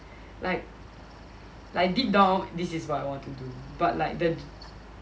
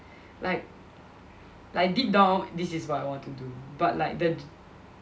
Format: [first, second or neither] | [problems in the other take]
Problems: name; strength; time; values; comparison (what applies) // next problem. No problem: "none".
second | background sound (Mechanical fan); 18 dB below the speech